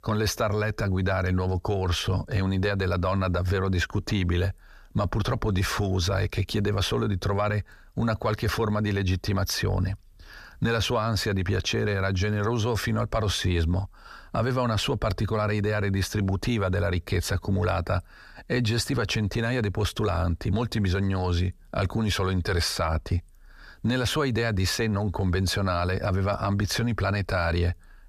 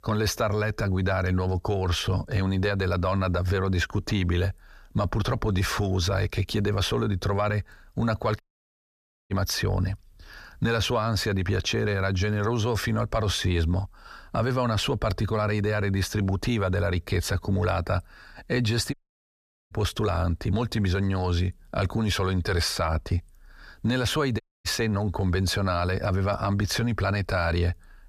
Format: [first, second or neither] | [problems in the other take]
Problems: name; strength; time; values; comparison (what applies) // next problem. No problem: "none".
first | audio cutting out; at 8.5 s for 1 s, at 19 s for 1 s and at 24 s